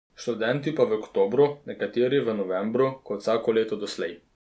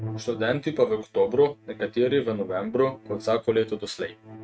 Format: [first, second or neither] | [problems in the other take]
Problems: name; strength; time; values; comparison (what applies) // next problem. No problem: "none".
first | noise reduction (neural mask model RNNoise)